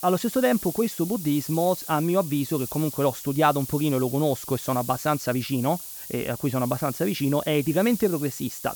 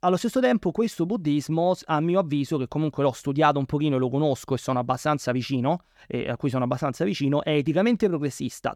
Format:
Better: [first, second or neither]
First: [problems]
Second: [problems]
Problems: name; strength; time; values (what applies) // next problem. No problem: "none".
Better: second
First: hiss; loud; throughout; 10 dB below the speech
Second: none